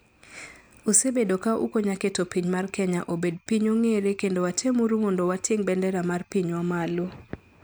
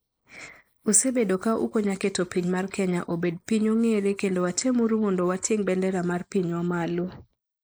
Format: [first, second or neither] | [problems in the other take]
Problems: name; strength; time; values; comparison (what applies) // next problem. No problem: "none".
first | noise reduction (neural mask model Resemble Enhance denoiser)